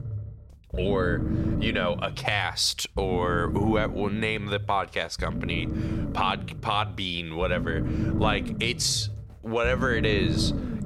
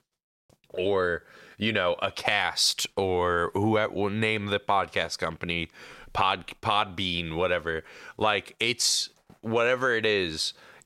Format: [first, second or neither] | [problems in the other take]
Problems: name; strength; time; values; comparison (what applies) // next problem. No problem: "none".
second | low rumble; noticeable; throughout; 10 dB below the speech